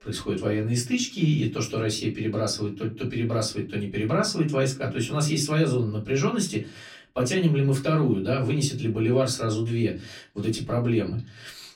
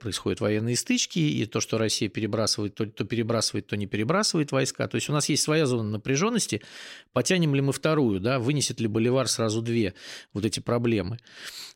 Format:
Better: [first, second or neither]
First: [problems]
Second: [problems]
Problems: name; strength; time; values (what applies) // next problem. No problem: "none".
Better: second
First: off-mic speech; far // room echo; very slight; dies away in 0.3 s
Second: none